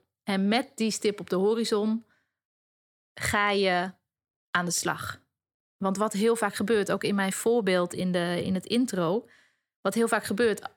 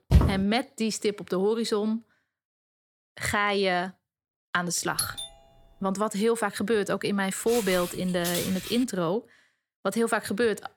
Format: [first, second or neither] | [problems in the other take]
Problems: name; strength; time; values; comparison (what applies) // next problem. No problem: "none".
first | footsteps; loud; at the start; peak 4 dB above the speech // doorbell; noticeable; at 5 s; peak 3 dB below the speech // footsteps; noticeable; from 7.5 to 9 s; peak 4 dB below the speech